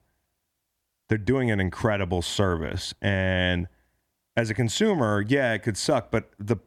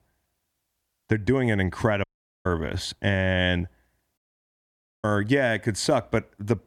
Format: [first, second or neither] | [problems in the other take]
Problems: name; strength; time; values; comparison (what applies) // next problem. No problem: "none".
first | audio cutting out; at 2 s and at 4 s for 1 s